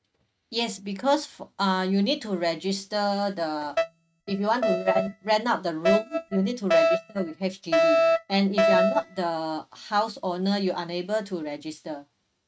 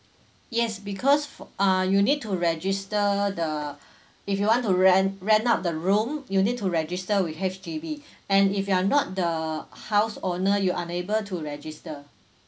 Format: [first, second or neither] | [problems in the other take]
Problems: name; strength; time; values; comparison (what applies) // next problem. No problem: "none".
second | noise reduction (neural mask model RNNoise)